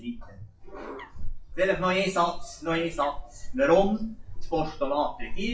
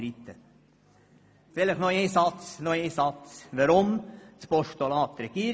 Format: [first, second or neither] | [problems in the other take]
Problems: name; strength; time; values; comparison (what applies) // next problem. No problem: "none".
second | noise reduction (classical method WPE with log-MMSE)